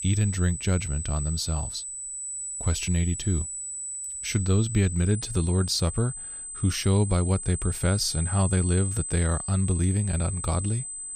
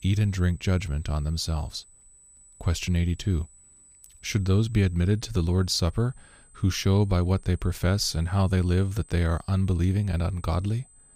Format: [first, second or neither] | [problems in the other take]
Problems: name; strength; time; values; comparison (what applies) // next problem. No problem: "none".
second | high-pitched whine; loud; throughout; 8 kHz, 6 dB below the speech; faint in the second